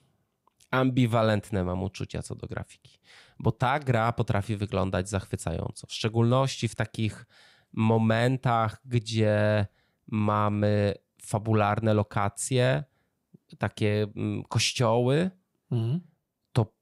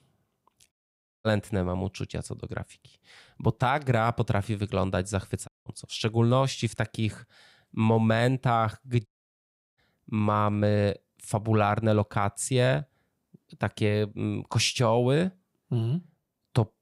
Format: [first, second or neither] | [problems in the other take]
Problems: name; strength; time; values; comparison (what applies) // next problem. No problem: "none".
first | audio cutting out; at 0.5 s for 0.5 s, at 5.5 s and at 9 s for 0.5 s